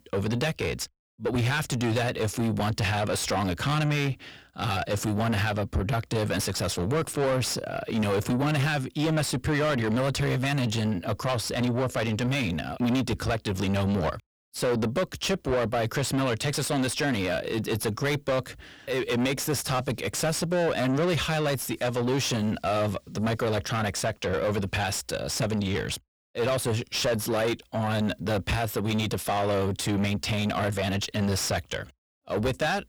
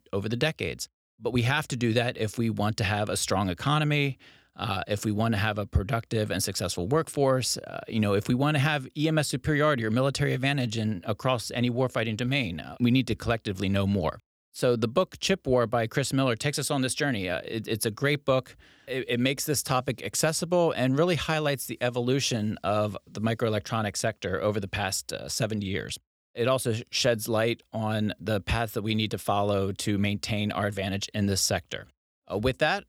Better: second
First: distortion; heavy; 7 dB below the speech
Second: none

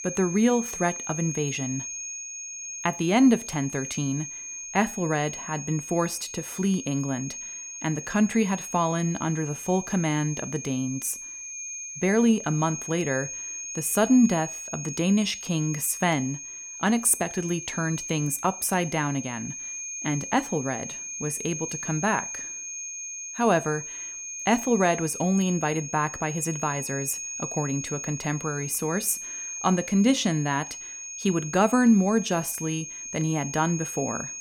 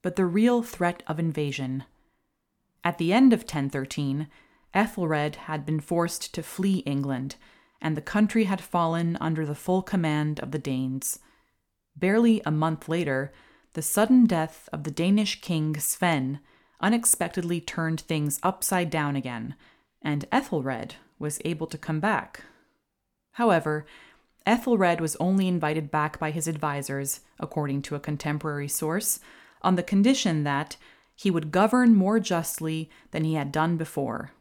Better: second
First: high-pitched whine; loud; throughout; 6.5 kHz, 8 dB below the speech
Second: none

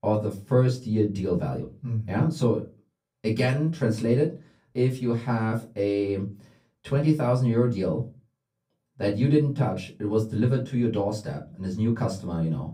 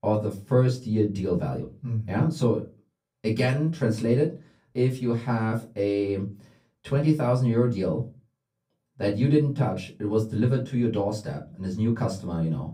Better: neither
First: off-mic speech; far // room echo; very slight; dies away in 0.2 s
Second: off-mic speech; far // room echo; very slight; dies away in 0.2 s

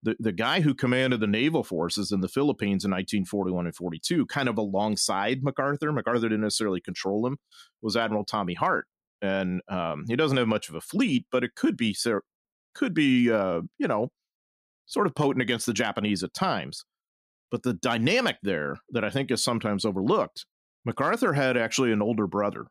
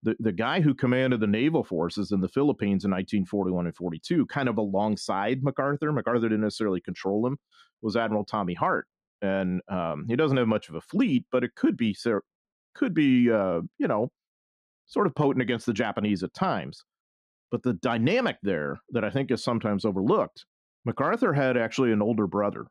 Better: first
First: none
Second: muffled; slightly; fading above 1.5 kHz

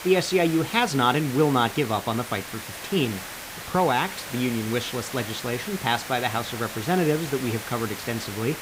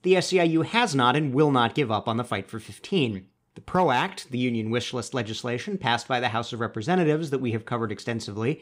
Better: second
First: hiss; loud; throughout; 10 dB below the speech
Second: none

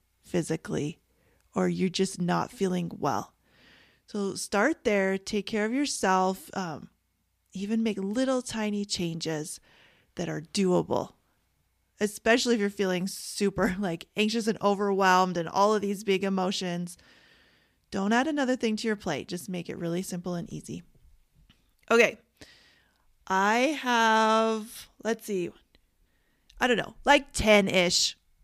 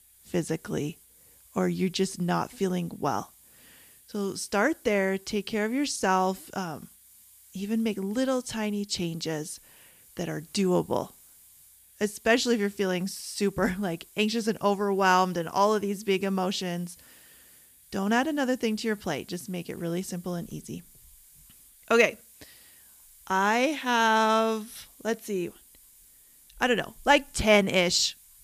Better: first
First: none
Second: hiss; faint; throughout; 25 dB below the speech

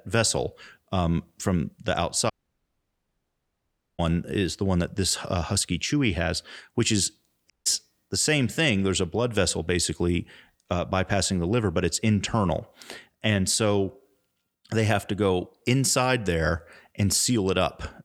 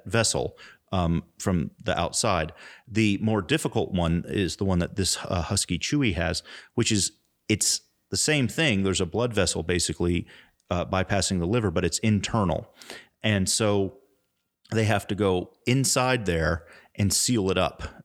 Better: second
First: audio cutting out; at 2.5 s for 1.5 s and at 7.5 s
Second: none

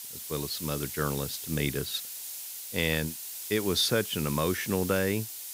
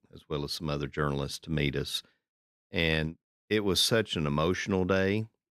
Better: second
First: hiss; loud; throughout; 6 dB below the speech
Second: none

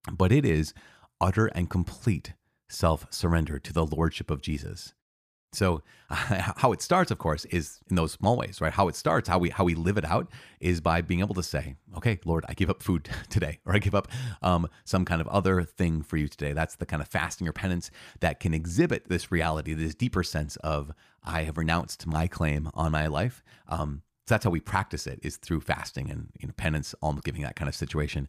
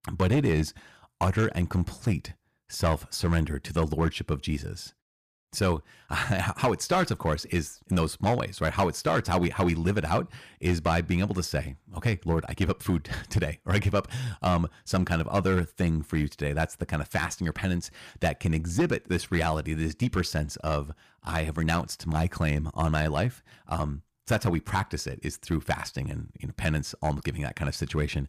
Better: first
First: none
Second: distortion; slight; 4% of the sound clipped

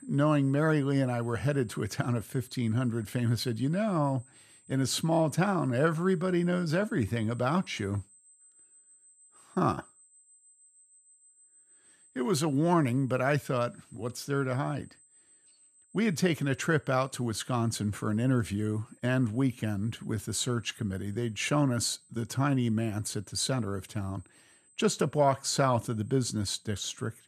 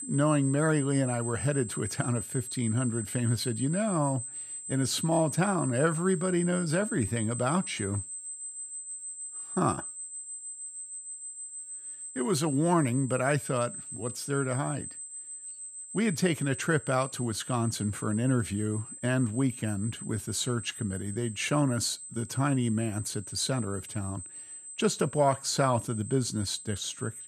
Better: first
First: high-pitched whine; faint; throughout; 8 kHz, 30 dB below the speech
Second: high-pitched whine; loud; throughout; 8 kHz, 9 dB below the speech

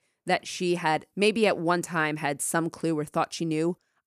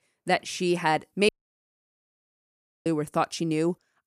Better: first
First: none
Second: audio cutting out; at 1.5 s for 1.5 s

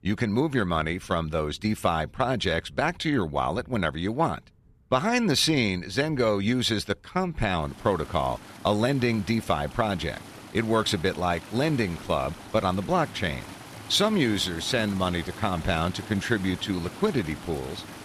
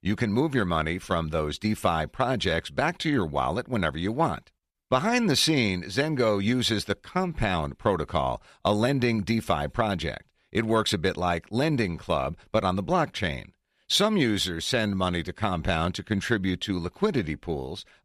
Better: second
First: rain or running water; noticeable; throughout; 15 dB below the speech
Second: none

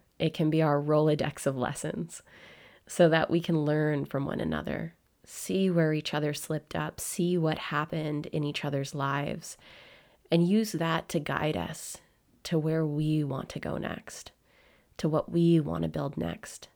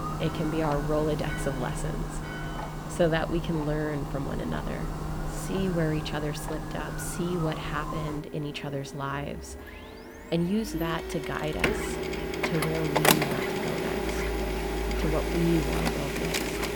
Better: first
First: none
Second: household noises; very loud; throughout; as loud as the speech

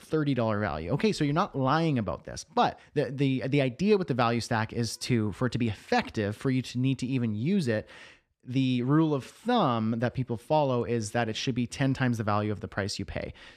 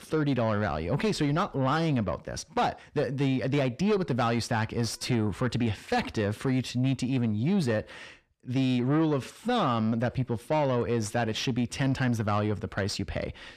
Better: first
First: none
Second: distortion; slight; 10 dB below the speech

